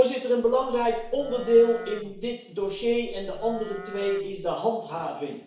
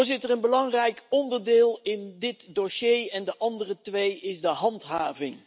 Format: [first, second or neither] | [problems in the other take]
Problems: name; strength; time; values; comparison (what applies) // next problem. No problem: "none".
second | background sound (Livestock, farm animals, working animals); 16 dB below the speech // room echo; dies away in 0.6 s